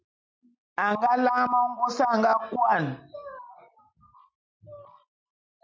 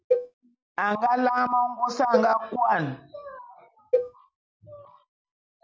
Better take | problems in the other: first | background sound (Cowbell); 5 dB below the speech

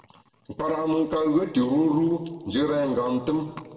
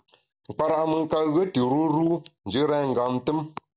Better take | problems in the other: second | room echo; dies away in 1.4 s

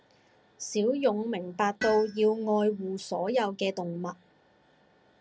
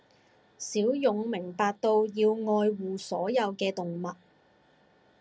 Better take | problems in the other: second | background sound (Tools); 16 dB below the speech

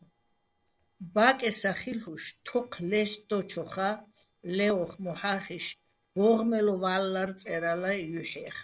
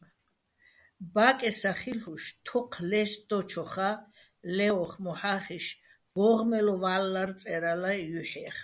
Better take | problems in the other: second | noise reduction (neural separator model SepFormer DNS4)

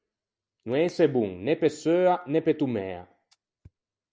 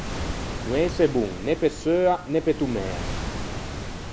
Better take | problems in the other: first | background sound (Waves, surf); 6 dB below the speech

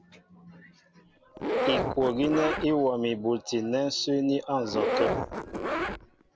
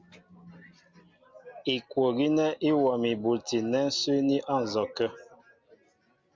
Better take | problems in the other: second | background sound (Zipper (clothing)); 2 dB below the speech

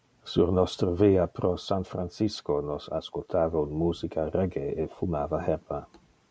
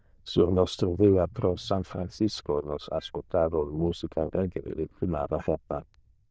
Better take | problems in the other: first | noise reduction (neural diffusion model UNIVERSE++)

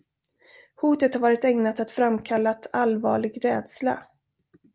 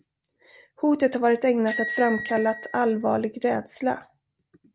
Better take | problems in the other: first | background sound (Bicycle bell); 11 dB below the speech

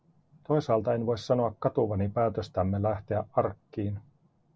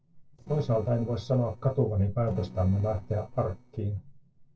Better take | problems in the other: first | noise reduction (neural separator model SepFormer DNS4)

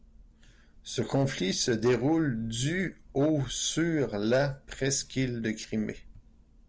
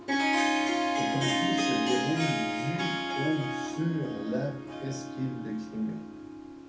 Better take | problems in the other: first | background sound (Harp); 3 dB above the speech // room echo; dies away in 0.5 s

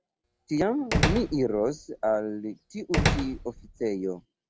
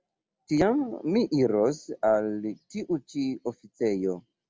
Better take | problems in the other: second | background sound (Slam); 1 dB below the speech

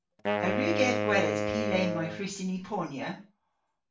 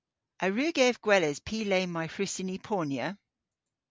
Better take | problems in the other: second | background sound (Wind instrument, woodwind instrument); as loud as the speech // room echo; dies away in 0.3 s

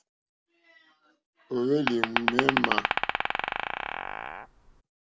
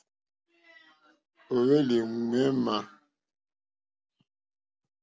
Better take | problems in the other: second | background sound (Glass); 4 dB above the speech

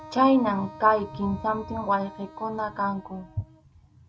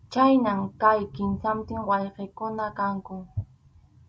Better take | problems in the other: second | background sound (Wind instrument, woodwind instrument); 19 dB below the speech

